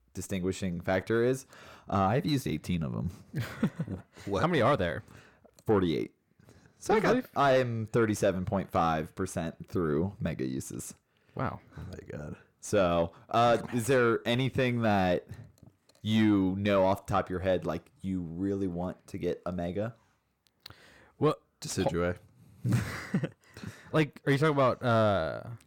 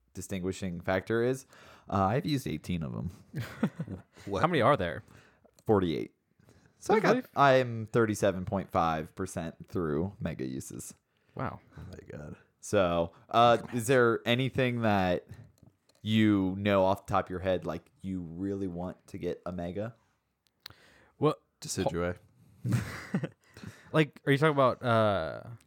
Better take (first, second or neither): second